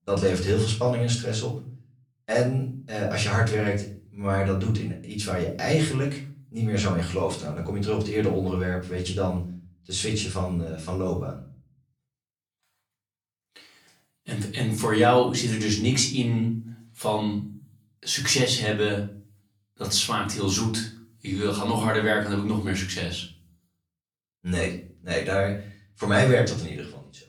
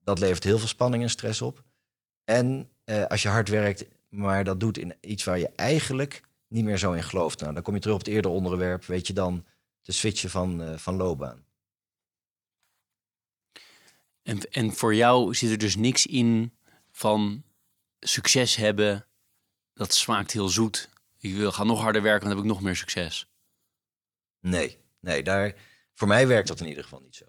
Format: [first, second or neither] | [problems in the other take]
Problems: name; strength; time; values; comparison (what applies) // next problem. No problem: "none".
second | off-mic speech; far // room echo; slight; dies away in 0.4 s